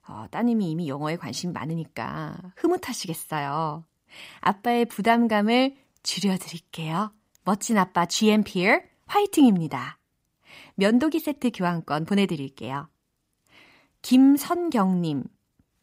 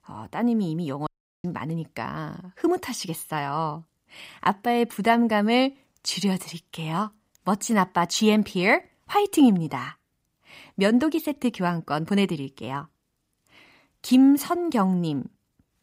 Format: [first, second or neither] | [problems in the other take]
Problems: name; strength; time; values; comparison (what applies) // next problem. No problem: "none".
first | audio cutting out; at 1 s